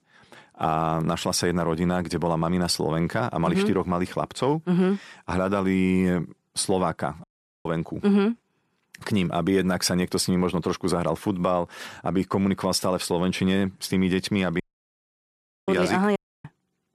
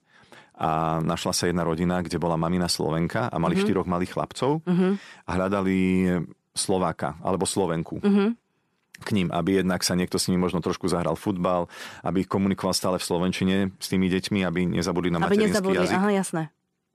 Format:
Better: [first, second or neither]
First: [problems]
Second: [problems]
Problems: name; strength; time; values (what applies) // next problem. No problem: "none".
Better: second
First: audio cutting out; at 7 s, at 15 s for 1 s and at 16 s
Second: none